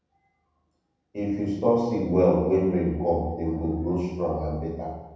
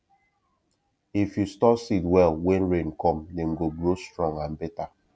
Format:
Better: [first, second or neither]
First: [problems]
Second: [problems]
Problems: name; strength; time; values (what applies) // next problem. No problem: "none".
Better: second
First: room echo; dies away in 1.1 s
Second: none